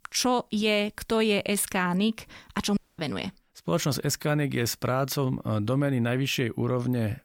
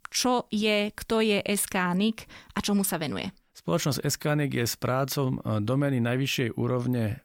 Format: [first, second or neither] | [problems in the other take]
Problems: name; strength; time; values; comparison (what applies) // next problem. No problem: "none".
second | audio cutting out; at 3 s